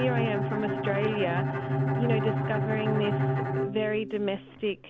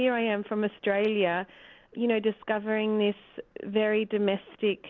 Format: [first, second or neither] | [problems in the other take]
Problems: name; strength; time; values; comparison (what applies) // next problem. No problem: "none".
second | background sound (Bowed string instrument); 1 dB above the speech